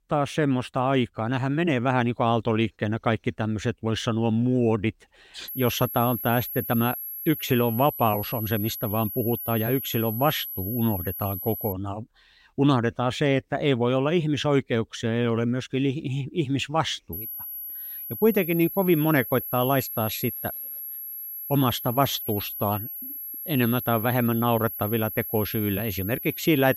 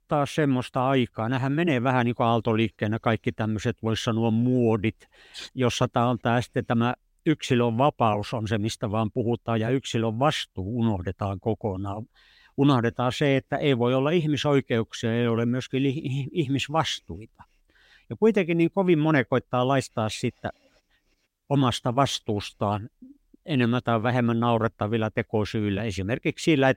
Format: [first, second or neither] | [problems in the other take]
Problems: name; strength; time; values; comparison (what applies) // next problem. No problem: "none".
second | high-pitched whine; loud; from 5.5 to 12 s and from 17 s on; 11.5 kHz, 7 dB below the speech